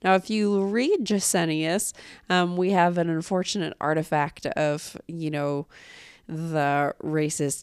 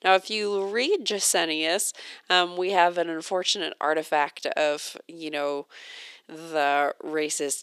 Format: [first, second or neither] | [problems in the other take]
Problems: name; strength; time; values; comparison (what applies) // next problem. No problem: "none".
first | thin; somewhat; fading below 400 Hz